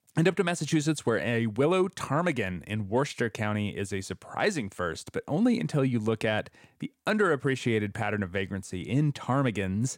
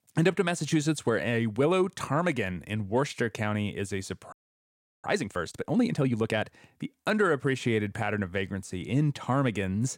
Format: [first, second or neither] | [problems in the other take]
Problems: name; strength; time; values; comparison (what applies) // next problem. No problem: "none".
first | audio freezing; at 4.5 s for 0.5 s